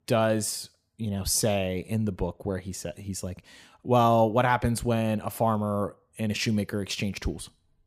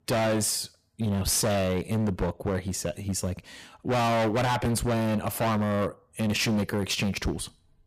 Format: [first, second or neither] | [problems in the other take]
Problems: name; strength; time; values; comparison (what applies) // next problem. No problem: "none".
first | distortion; heavy; 23% of the sound clipped